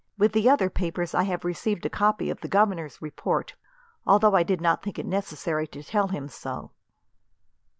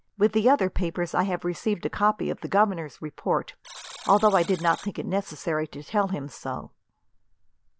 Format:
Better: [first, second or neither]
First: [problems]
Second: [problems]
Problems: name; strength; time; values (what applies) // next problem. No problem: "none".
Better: first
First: none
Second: background sound (Alarm); 20 dB below the speech